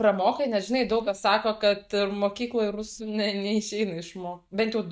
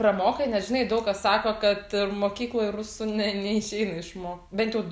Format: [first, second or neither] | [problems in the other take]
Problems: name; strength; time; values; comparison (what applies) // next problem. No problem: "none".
second | noise reduction (neural mask model DeepFilterNet 3)